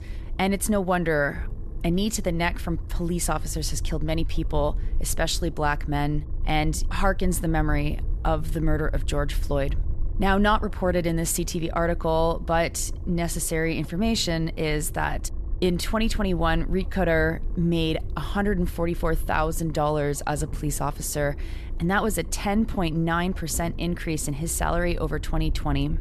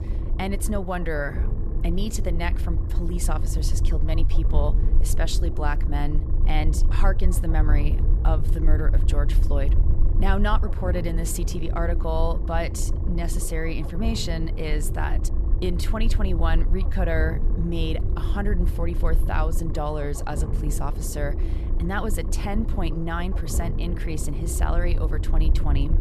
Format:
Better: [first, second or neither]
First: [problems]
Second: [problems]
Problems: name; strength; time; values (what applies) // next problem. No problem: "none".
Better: first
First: low rumble; faint; throughout; 25 dB below the speech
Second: low rumble; loud; throughout; 9 dB below the speech